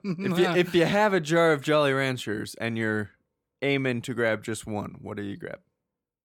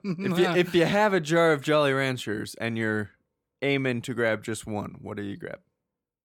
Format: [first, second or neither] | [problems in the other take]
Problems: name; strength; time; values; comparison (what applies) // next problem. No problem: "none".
neither | none